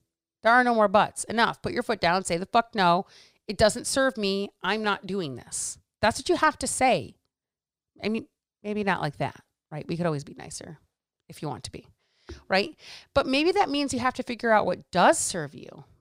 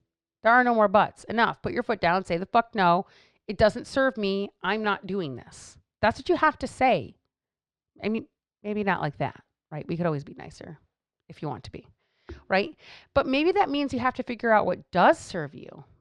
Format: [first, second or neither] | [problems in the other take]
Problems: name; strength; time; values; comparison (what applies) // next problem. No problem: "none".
first | muffled; slightly; fading above 3 kHz